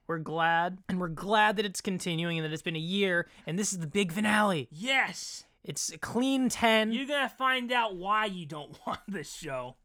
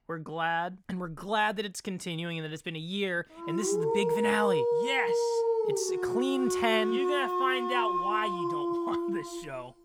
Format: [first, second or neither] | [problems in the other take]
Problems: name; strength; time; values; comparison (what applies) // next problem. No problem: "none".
first | dog barking; loud; from 3.5 s on; peak 5 dB above the speech